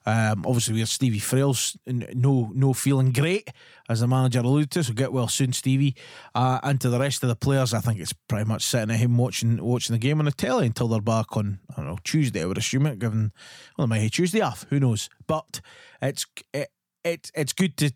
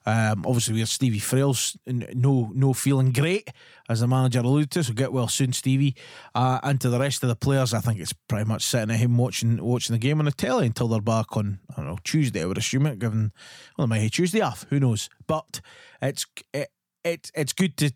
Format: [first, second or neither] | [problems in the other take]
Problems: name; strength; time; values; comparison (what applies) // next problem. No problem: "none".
neither | none